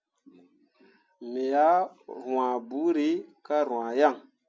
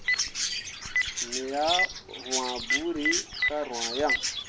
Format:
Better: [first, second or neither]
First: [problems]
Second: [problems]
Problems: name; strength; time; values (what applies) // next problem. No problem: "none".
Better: first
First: none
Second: background sound (Chirp, tweet + Telephone); 3 dB above the speech